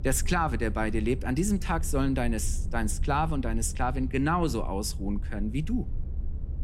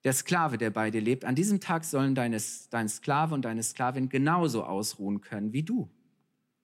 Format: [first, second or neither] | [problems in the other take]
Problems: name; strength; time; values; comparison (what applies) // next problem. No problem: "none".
second | low rumble; faint; throughout; 20 dB below the speech